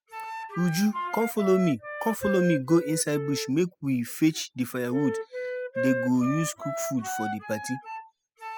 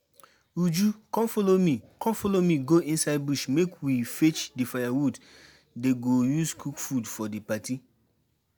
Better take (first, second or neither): second